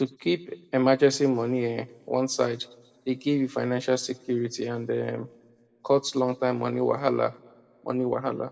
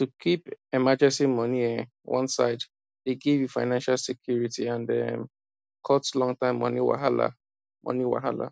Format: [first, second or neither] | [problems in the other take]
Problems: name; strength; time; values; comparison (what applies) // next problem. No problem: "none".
second | room echo; dies away in 0.8 s